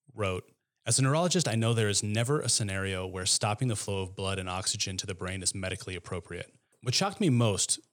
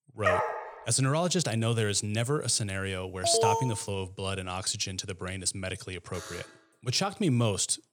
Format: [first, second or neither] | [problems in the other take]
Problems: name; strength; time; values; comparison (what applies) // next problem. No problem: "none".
first | dog barking; loud; at 0.5 s; peak 2 dB above the speech // alarm; loud; at 3 s; peak 3 dB above the speech // alarm; faint; at 6 s; peak 15 dB below the speech